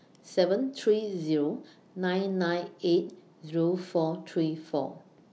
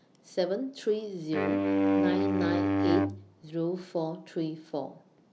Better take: first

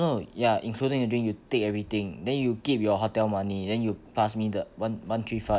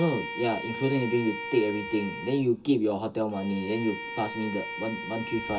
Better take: first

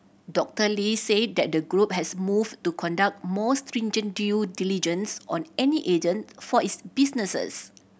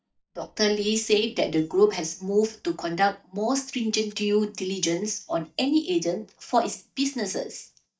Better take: first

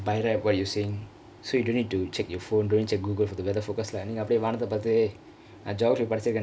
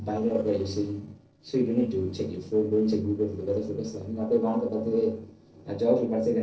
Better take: first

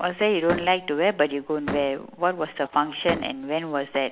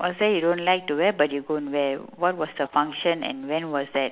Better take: second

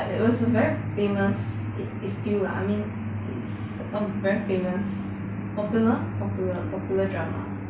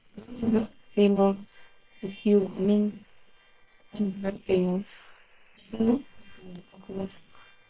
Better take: first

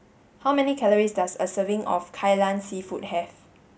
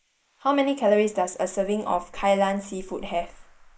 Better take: first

